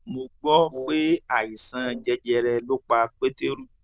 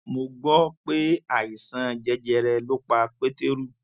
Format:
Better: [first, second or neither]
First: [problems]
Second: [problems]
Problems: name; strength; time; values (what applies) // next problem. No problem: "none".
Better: second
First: noise reduction (neural diffusion model UNIVERSE++)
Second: none